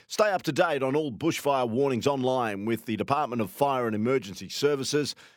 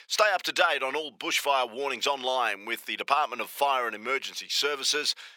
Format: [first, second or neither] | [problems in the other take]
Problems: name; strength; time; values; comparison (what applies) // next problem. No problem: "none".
first | thin; very; fading below 750 Hz